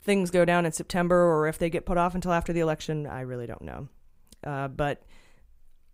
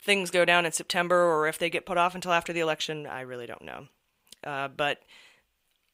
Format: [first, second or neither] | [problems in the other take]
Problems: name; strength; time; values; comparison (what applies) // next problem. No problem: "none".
first | thin; somewhat; fading below 700 Hz